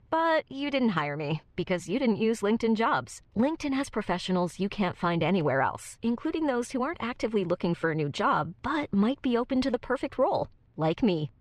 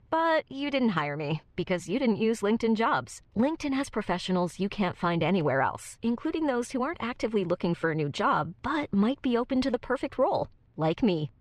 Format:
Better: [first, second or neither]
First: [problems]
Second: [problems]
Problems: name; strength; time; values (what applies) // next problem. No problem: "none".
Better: neither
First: muffled; slightly; fading above 3.5 kHz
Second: muffled; slightly; fading above 3.5 kHz